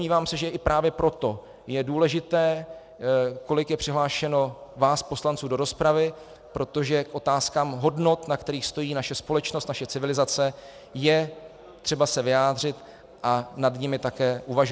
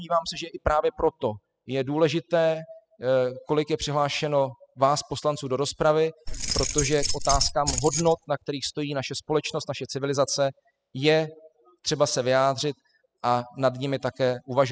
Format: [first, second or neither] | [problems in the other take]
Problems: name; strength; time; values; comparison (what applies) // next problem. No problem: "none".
first | noise reduction (classical method spectral subtraction)